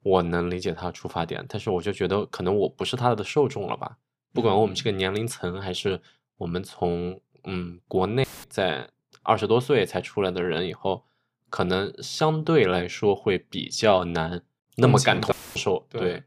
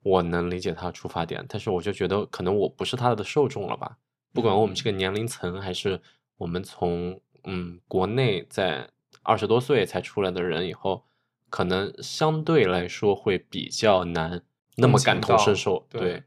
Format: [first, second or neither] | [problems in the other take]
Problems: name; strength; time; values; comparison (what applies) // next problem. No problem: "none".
second | audio cutting out; filled with static; at 8 s and at 15 s